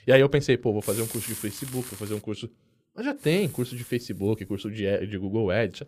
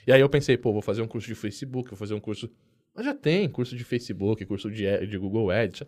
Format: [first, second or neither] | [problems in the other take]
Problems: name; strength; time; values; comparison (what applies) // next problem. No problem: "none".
second | hiss; very faint; from 1 to 2 s and from 3 to 4.5 s; 10 dB below the speech